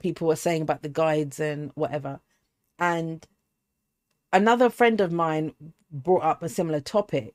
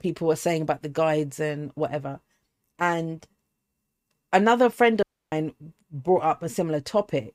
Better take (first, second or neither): first